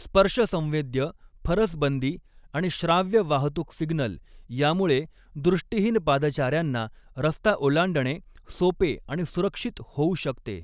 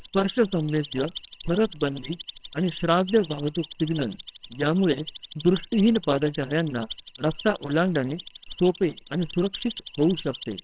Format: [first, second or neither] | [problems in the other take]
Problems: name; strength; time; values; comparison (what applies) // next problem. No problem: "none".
first | noise reduction (neural separator model SepFormer WHAMR!)